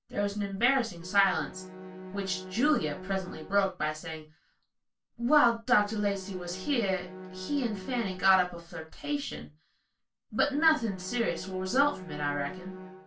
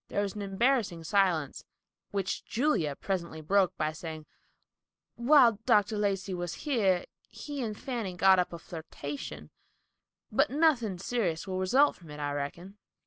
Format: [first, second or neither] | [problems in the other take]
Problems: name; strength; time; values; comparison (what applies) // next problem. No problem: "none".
second | background sound (Bowed string instrument); 14 dB below the speech // room echo; dies away in 0.2 s